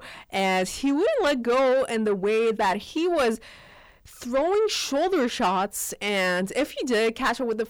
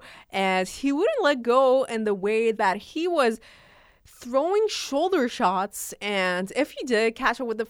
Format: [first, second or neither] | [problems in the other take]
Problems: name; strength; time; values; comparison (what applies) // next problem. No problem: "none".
second | distortion; slight; 10 dB below the speech